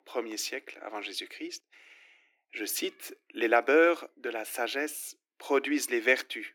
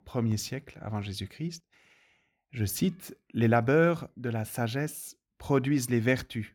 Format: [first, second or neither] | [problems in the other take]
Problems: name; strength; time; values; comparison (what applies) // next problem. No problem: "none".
second | thin; somewhat; fading below 300 Hz